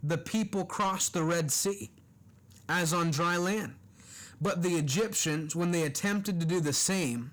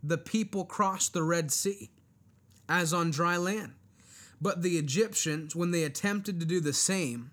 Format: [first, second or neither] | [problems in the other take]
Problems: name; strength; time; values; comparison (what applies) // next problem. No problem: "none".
second | distortion; slight; 10 dB below the speech